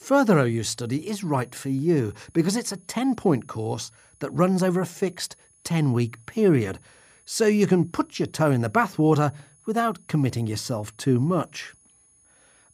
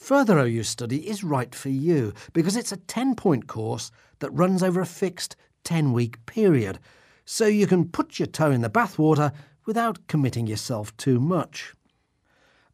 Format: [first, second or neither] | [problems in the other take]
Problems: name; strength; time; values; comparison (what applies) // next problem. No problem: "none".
second | high-pitched whine; faint; throughout; 10 kHz, 30 dB below the speech